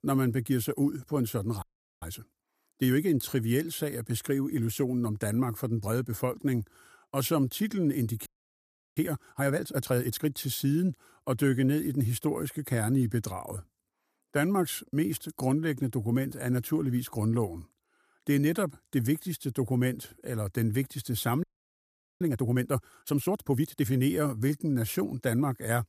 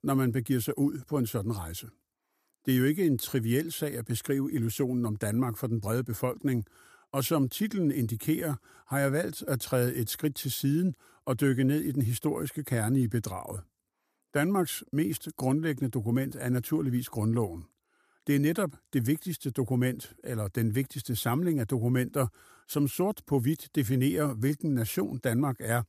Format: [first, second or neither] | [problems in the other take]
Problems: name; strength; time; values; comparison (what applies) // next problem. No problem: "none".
second | audio freezing; at 1.5 s, at 8.5 s for 0.5 s and at 21 s for 1 s